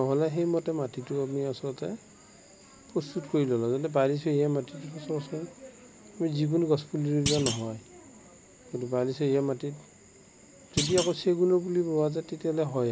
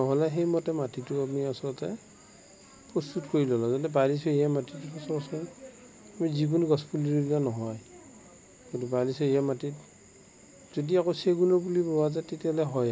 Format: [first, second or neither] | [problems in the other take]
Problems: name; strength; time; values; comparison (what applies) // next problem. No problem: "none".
second | background sound (Thump, thud); 6 dB below the speech